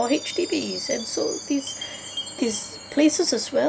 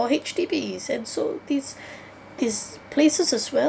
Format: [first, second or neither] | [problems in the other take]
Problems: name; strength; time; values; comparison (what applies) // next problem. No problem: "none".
second | background sound (Chime); 11 dB below the speech